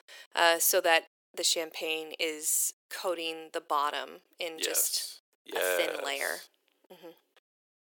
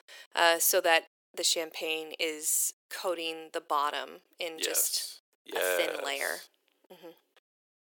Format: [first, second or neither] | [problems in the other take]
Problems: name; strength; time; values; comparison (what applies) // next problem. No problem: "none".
neither | thin; very; fading below 400 Hz; the same in both